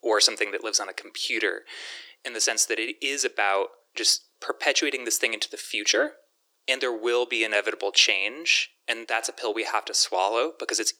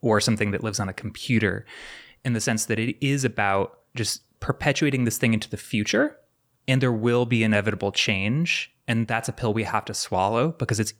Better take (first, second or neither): second